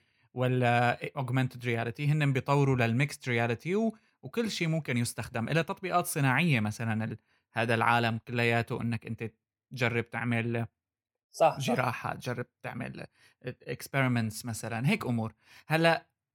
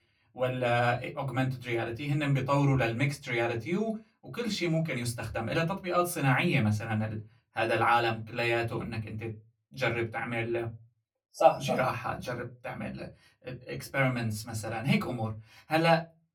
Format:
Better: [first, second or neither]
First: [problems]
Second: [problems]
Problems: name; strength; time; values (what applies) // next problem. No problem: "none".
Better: first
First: none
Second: off-mic speech; far // room echo; very slight; dies away in 0.2 s